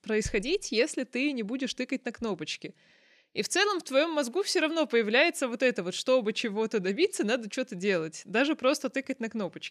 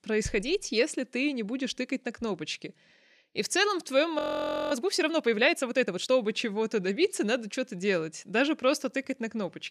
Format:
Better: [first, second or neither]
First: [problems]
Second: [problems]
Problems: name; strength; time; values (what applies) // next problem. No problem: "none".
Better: first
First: none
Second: audio freezing; at 4 s for 0.5 s